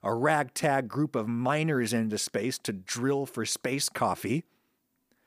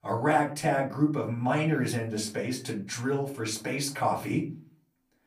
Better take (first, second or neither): first